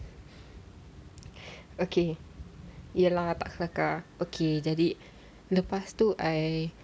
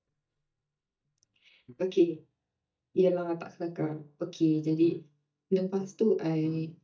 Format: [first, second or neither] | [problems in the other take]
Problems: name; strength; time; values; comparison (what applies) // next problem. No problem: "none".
first | noise reduction (neural mask model DeepFilterNet 3)